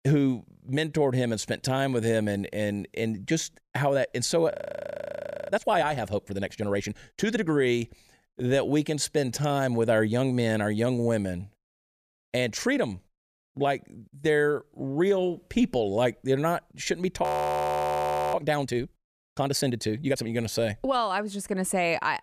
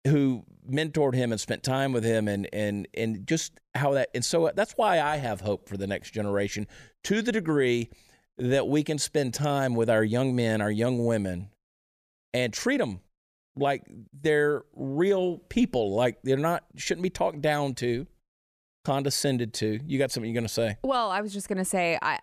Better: second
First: audio freezing; at 4.5 s for 1 s and at 17 s for 1 s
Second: none

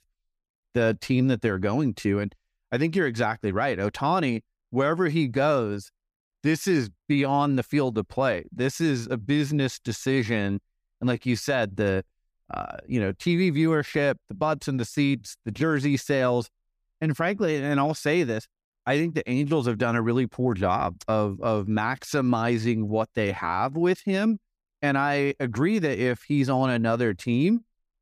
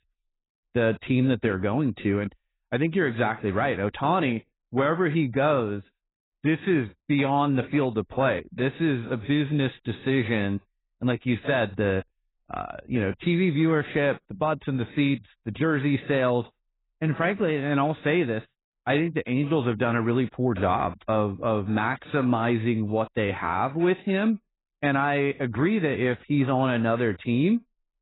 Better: first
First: none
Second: garbled, watery; badly; nothing above 4 kHz

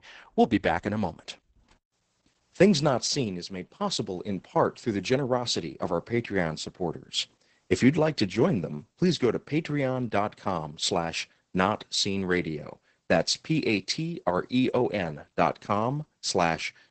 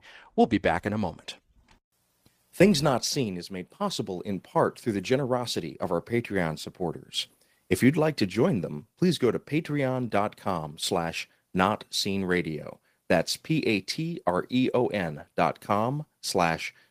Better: second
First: garbled, watery; badly; nothing above 8 kHz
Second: garbled, watery; slightly; nothing above 15 kHz

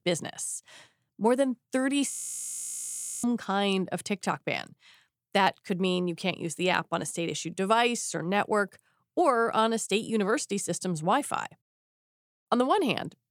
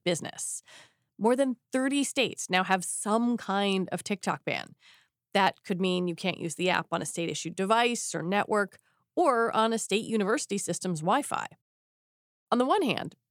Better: second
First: audio freezing; at 2 s for 1 s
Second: none

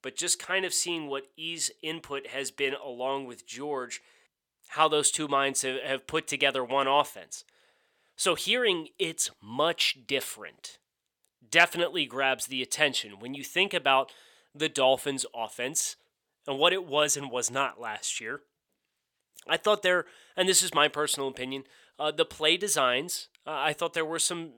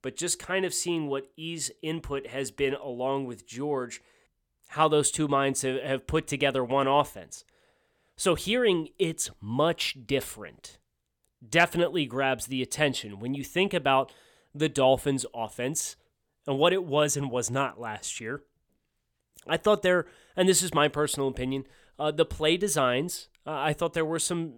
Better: second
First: thin; very slightly; fading below 1 kHz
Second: none

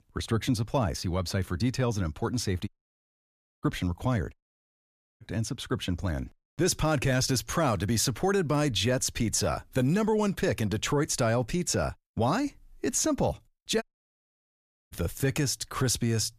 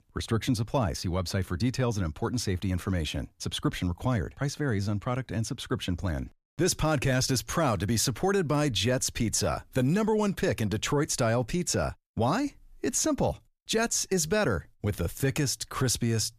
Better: second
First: audio cutting out; at 2.5 s for 1 s, at 4.5 s for 1 s and at 14 s for 1 s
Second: none

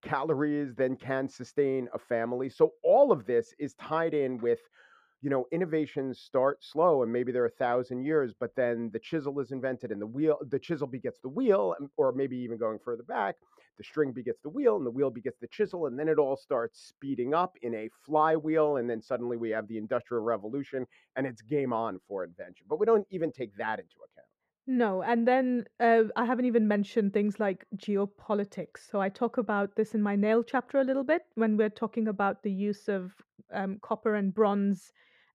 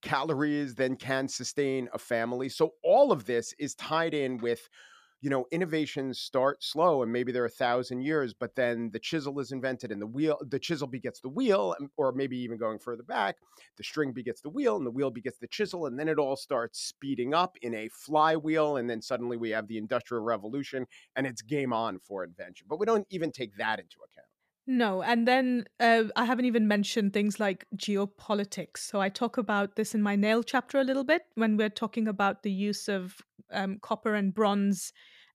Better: second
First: muffled; very; fading above 2.5 kHz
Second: none

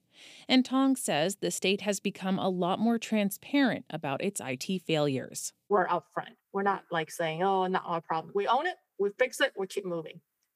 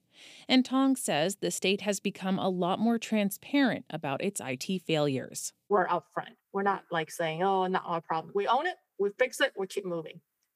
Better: neither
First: none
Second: none

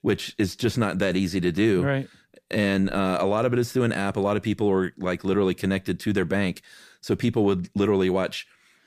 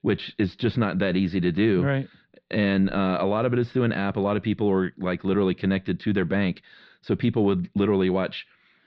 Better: first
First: none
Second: muffled; very slightly; fading above 4 kHz

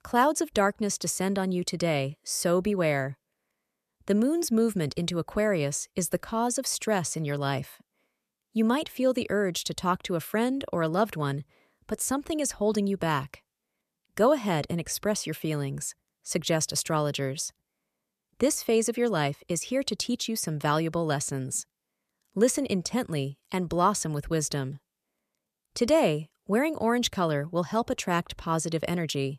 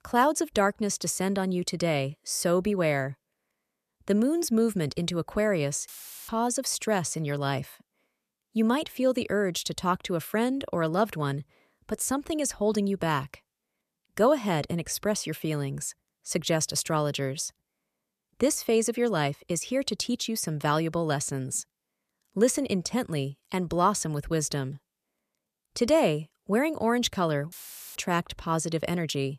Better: first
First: none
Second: audio cutting out; filled with static; at 6 s and at 28 s

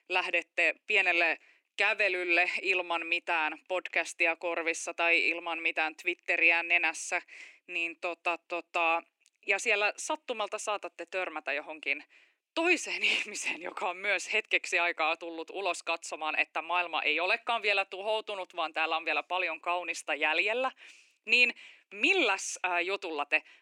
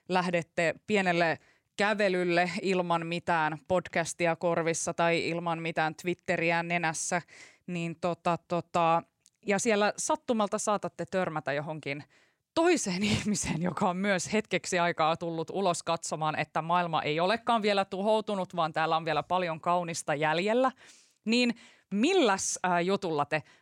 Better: second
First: thin; very; fading below 300 Hz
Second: none

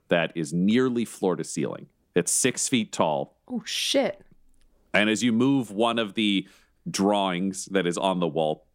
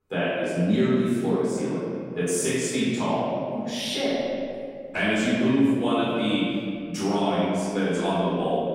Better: first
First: none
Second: off-mic speech; far // room echo; strong; dies away in 2.3 s

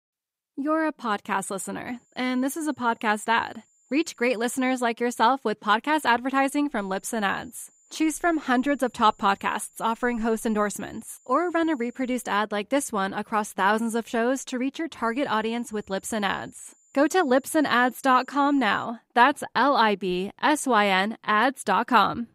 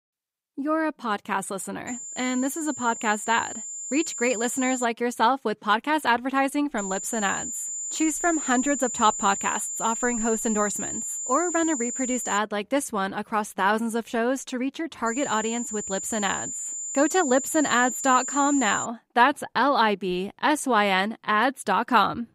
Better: first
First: high-pitched whine; faint; from 2 to 5 s, from 7 to 12 s and from 15 to 19 s; 7 kHz, 35 dB below the speech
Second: high-pitched whine; loud; from 2 to 5 s, from 7 to 12 s and from 15 to 19 s; 7 kHz, 5 dB below the speech

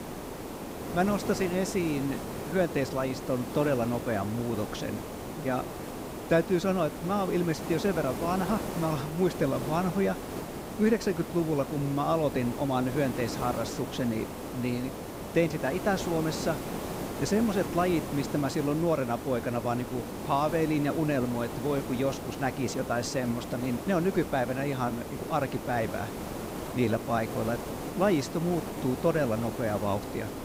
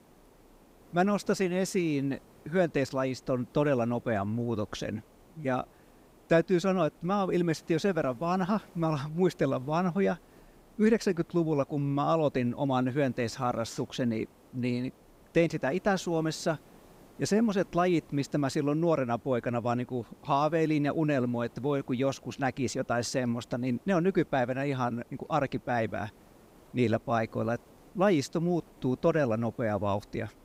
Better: second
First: hiss; loud; throughout; 7 dB below the speech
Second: hiss; faint; throughout; 30 dB below the speech

